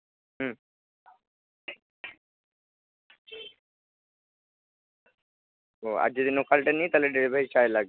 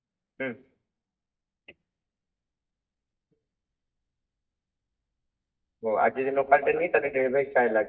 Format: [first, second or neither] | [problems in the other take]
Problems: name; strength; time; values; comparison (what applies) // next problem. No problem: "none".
first | noise reduction (neural mask model DeepFilterNet 3)